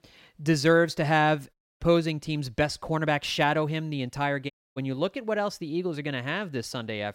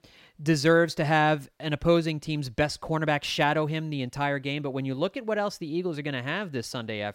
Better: second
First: audio cutting out; at 1.5 s and at 4.5 s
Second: none

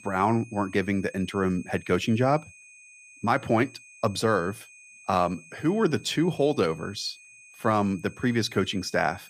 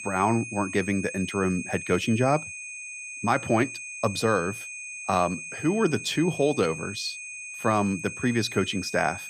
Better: first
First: high-pitched whine; faint; throughout; 2.5 kHz, 20 dB below the speech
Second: high-pitched whine; loud; throughout; 2.5 kHz, 9 dB below the speech

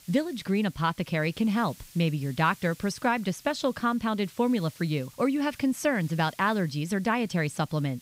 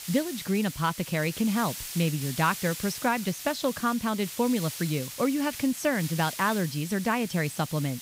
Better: first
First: hiss; faint; throughout; 25 dB below the speech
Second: hiss; loud; throughout; 9 dB below the speech

